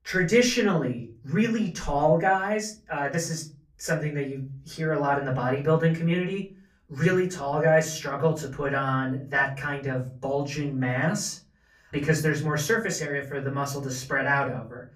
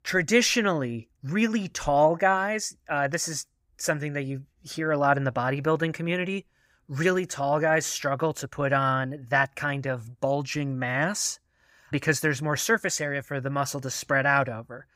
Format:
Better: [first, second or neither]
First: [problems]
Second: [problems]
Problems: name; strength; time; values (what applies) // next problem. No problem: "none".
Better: second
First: off-mic speech; far // room echo; very slight; dies away in 0.4 s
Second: none